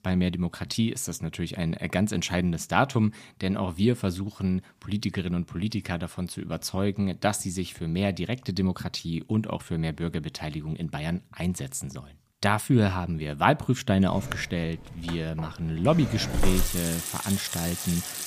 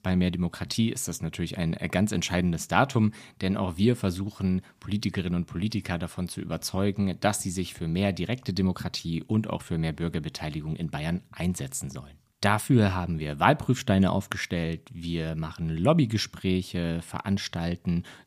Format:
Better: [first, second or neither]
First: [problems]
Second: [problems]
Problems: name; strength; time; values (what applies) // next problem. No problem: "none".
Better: second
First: household noises; loud; from 14 s on; 5 dB below the speech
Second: none